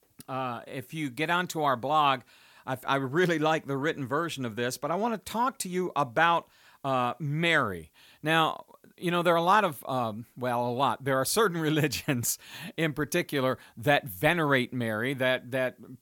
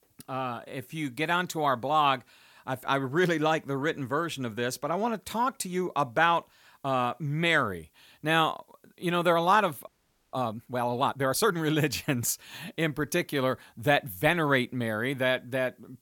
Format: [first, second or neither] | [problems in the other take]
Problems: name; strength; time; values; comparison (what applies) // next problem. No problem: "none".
first | audio freezing; at 10 s